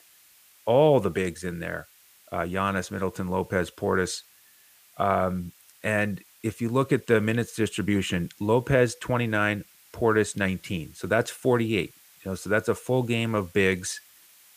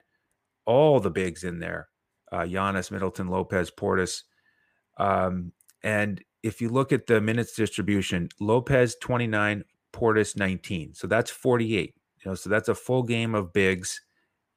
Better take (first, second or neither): second